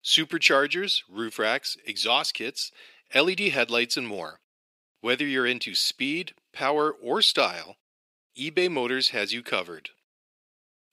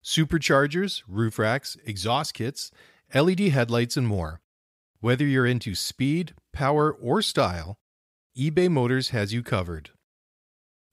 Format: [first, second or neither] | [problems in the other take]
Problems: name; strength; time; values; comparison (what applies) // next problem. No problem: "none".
second | thin; somewhat; fading below 300 Hz